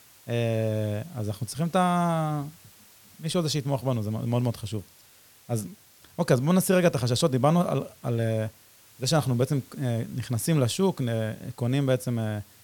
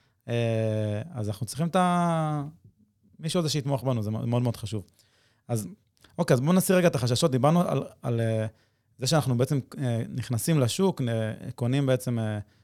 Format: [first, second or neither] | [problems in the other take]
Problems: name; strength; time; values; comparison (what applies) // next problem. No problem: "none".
second | hiss; faint; throughout; 25 dB below the speech